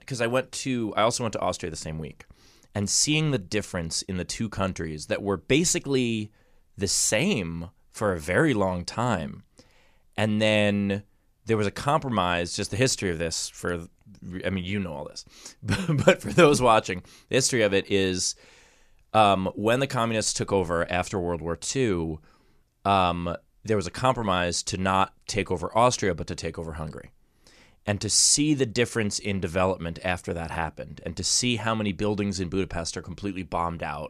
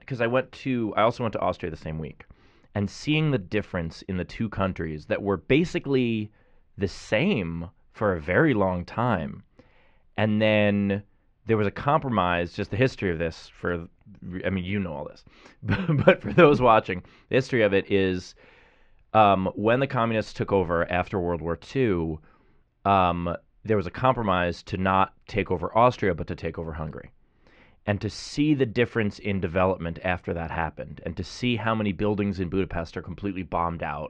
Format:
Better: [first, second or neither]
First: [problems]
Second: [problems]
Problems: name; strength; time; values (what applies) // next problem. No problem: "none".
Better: first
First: none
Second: muffled; very; fading above 3 kHz